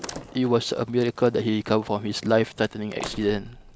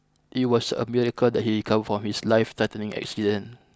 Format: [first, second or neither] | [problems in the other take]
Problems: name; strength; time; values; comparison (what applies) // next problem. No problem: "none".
second | background sound (Slam); 17 dB below the speech